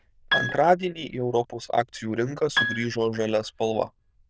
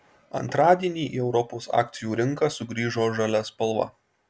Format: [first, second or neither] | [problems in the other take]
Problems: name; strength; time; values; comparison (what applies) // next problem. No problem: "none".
second | noise reduction (neural diffusion model UNIVERSE++)